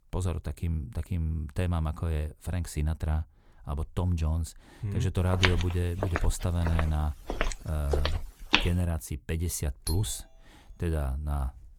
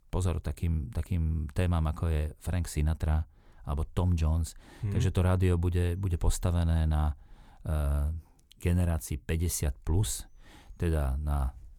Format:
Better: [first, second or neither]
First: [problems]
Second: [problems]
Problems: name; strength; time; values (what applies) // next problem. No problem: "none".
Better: second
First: footsteps; loud; from 5.5 to 8.5 s; peak 5 dB above the speech // doorbell; noticeable; at 10 s; peak 6 dB below the speech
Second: none